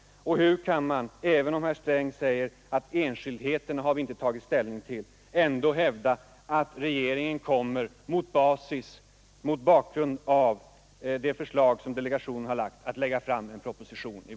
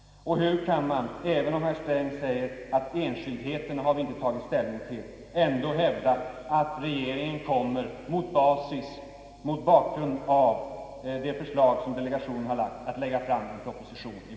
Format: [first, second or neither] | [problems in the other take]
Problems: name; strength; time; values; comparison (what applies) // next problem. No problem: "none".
first | room echo; dies away in 2.6 s